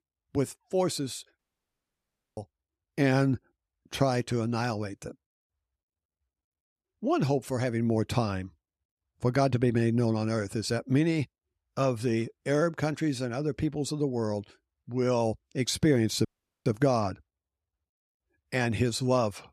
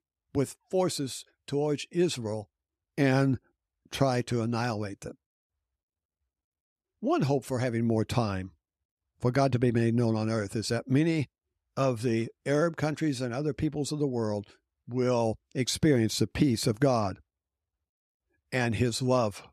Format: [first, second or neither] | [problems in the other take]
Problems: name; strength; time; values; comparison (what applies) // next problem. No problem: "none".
second | audio cutting out; at 1.5 s for 1 s and at 16 s